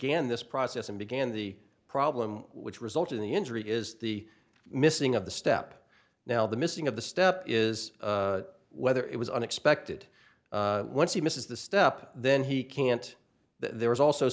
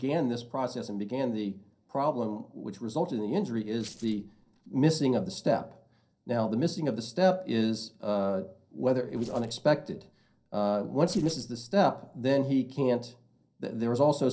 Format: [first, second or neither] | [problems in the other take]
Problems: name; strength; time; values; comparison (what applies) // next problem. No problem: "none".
first | noise reduction (neural separator model SepFormer DNS4)